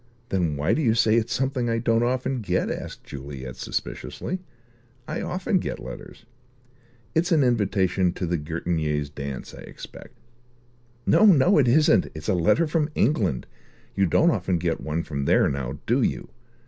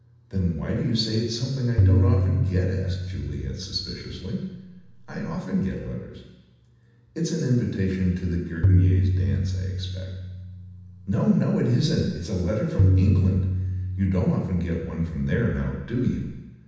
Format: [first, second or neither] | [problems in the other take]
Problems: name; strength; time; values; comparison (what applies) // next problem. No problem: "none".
first | background sound (Tabla); 1 dB above the speech // room echo; dies away in 1.1 s